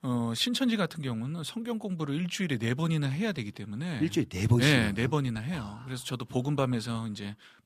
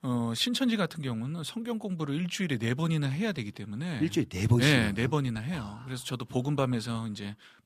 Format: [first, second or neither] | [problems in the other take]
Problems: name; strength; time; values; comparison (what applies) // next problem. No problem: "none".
neither | none